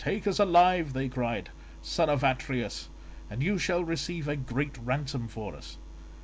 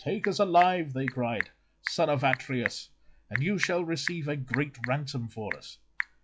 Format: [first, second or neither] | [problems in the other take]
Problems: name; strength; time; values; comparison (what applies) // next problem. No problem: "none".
first | noise reduction (classical method log-MMSE)